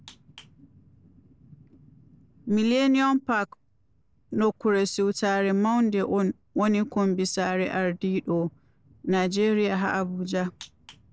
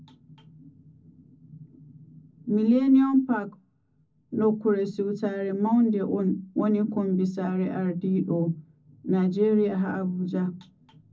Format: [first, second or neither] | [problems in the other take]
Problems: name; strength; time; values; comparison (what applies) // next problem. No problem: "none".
first | room echo; dies away in 0.4 s